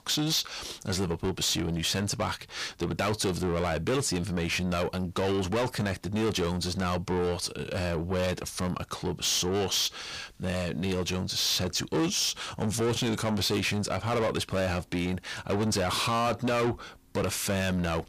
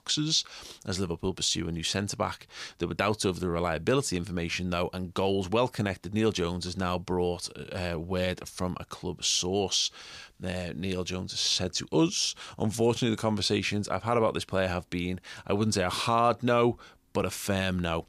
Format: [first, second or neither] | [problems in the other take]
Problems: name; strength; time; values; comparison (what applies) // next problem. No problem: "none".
second | distortion; heavy; 7 dB below the speech